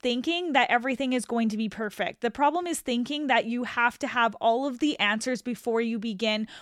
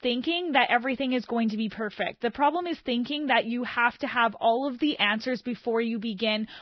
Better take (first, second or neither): first